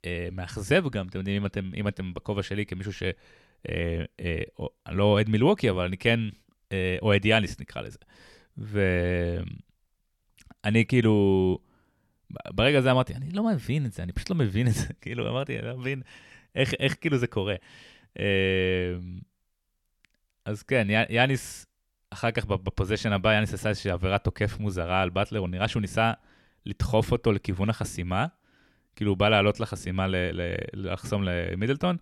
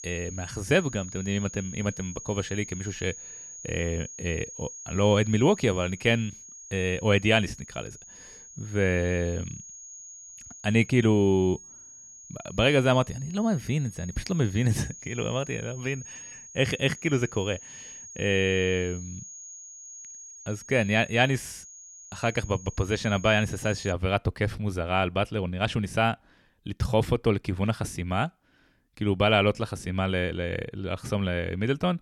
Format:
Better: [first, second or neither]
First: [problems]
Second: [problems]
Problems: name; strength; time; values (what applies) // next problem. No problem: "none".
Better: first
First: none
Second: high-pitched whine; noticeable; until 24 s; 6.5 kHz, 15 dB below the speech